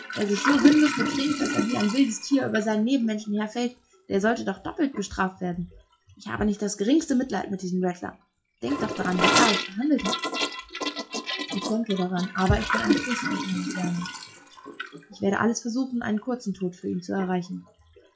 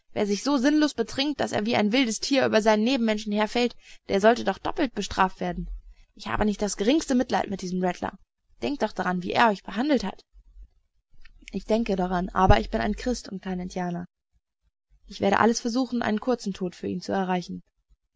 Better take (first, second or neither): second